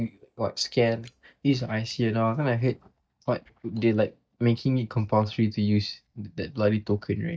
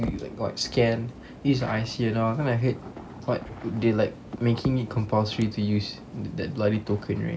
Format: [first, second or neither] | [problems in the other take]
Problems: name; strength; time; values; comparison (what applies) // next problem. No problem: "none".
second | noise reduction (neural mask model DeepFilterNet 3)